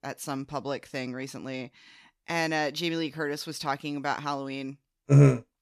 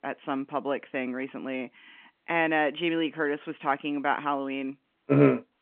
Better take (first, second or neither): first